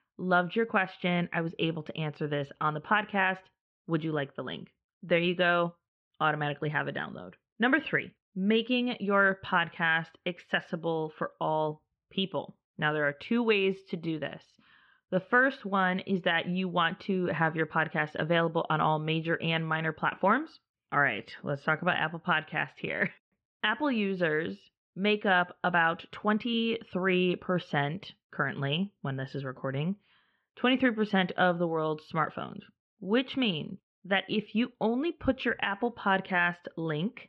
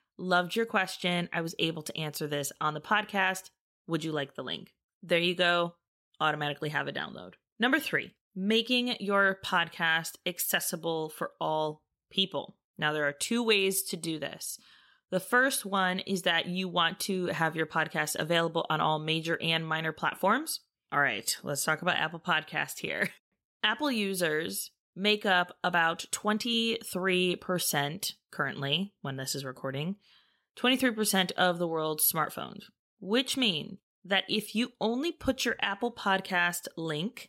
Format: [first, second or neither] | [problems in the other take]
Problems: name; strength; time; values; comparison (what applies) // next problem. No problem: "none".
second | muffled; very; fading above 2.5 kHz